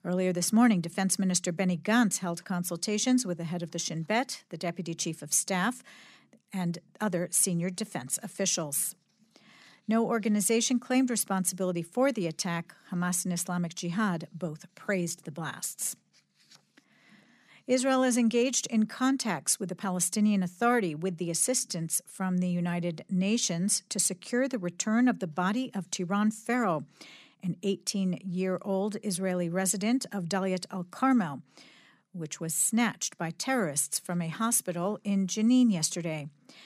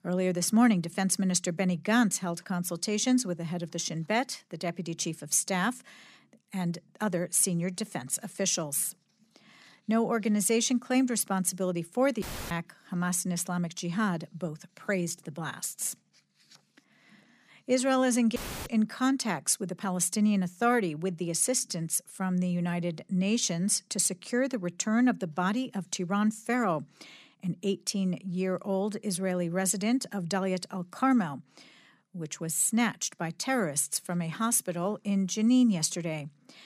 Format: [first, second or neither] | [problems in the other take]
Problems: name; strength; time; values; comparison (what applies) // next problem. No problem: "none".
first | audio cutting out; filled with static; at 12 s and at 18 s